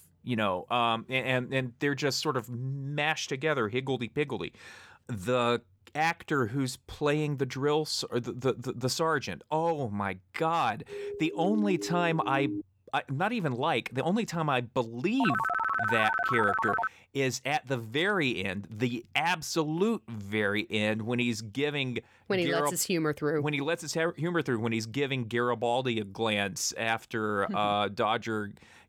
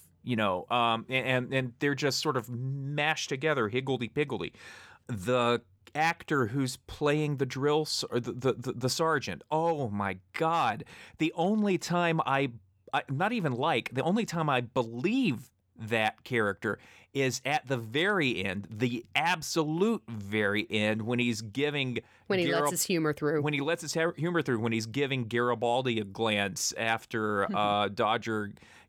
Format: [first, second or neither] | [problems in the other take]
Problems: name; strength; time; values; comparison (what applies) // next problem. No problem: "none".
second | siren; noticeable; from 11 to 13 s; peak 5 dB below the speech // phone ringing; loud; from 15 to 17 s; peak 2 dB above the speech